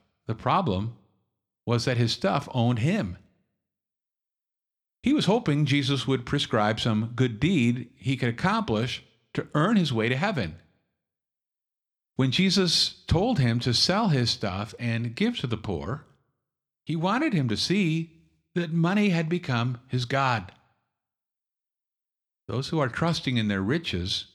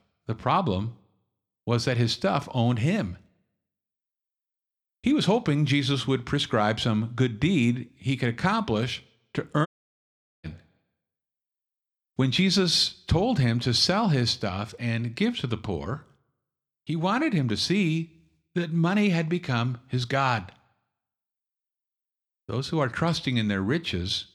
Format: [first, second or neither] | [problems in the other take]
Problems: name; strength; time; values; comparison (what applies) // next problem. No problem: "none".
first | audio cutting out; at 9.5 s for 1 s